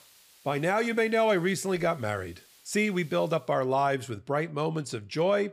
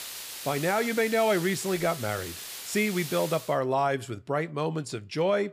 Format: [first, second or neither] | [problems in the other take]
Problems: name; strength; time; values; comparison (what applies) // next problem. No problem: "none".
first | hiss; loud; until 3.5 s; 9 dB below the speech; faint in the first